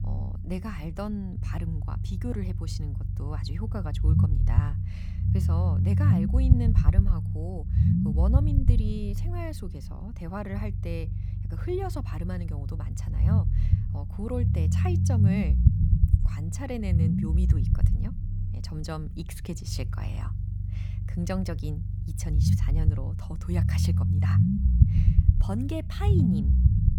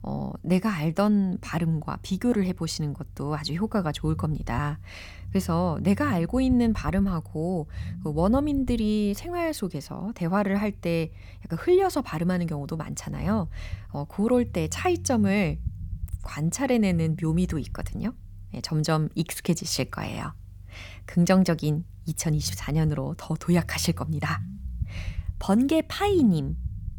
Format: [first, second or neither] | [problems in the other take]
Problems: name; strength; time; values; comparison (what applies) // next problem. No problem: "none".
second | low rumble; loud; throughout; as loud as the speech; faint in the second